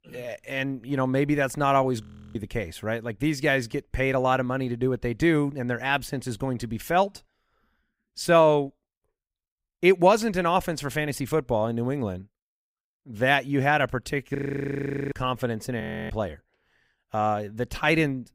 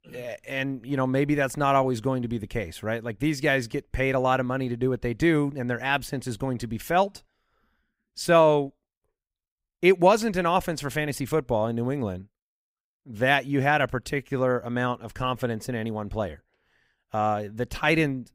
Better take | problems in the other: second | audio freezing; at 2 s, at 14 s for 1 s and at 16 s

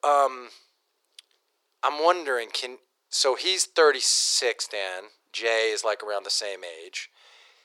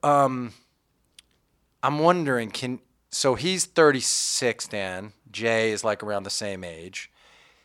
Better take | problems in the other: second | thin; very; fading below 400 Hz

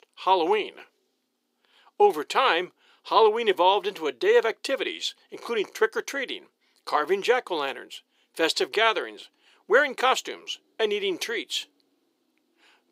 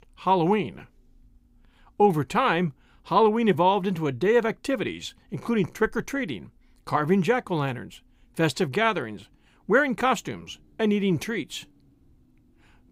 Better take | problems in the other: second | thin; very; fading below 400 Hz

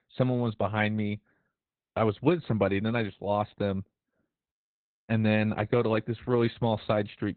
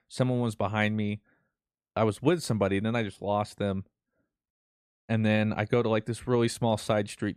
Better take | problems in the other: second | garbled, watery; badly; nothing above 4 kHz

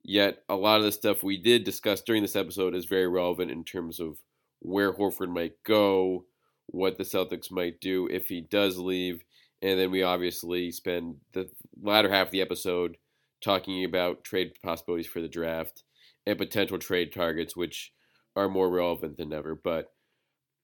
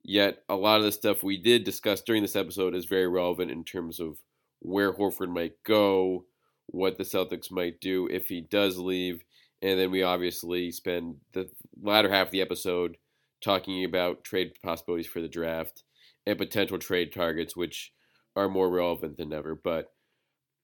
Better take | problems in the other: neither | none

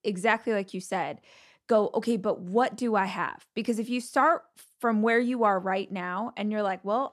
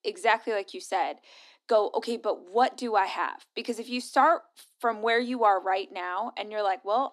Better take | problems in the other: first | thin; somewhat; fading below 250 Hz

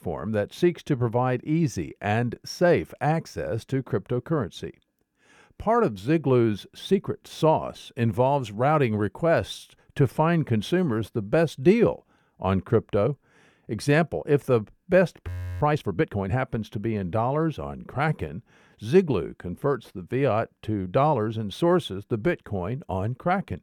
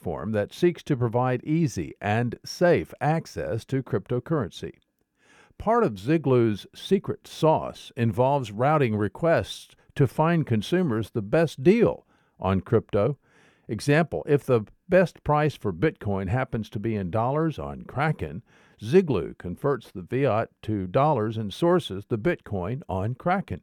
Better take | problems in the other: second | audio freezing; at 15 s

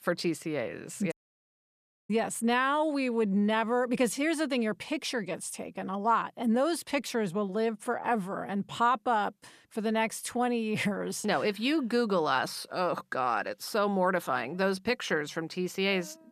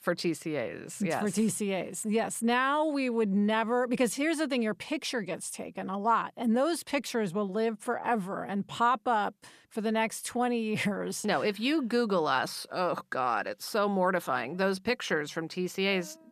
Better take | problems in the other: second | audio cutting out; at 1 s for 1 s

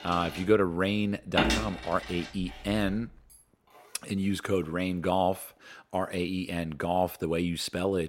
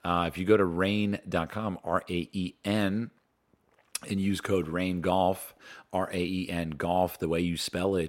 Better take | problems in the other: second | household noises; loud; until 3.5 s; 3 dB below the speech

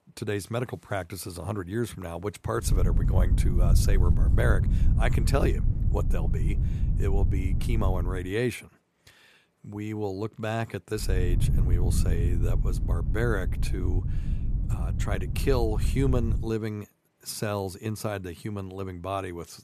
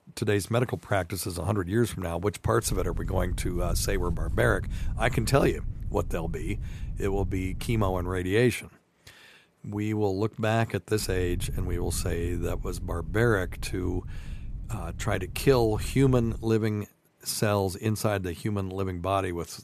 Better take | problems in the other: second | low rumble; loud; from 2.5 to 8 s and from 11 to 16 s; 8 dB below the speech; faint in the second

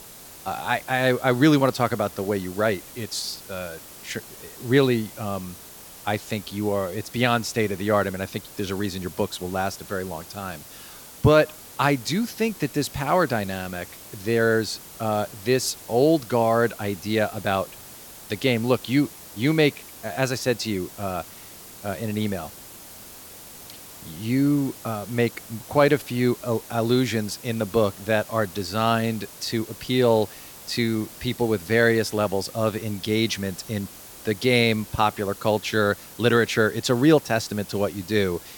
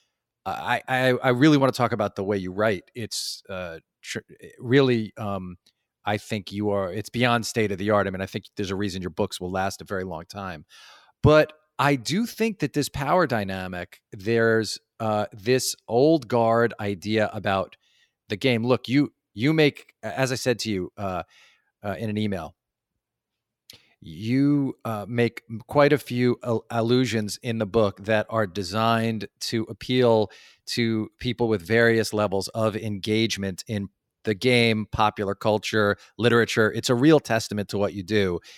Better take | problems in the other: second | hiss; noticeable; throughout; 15 dB below the speech

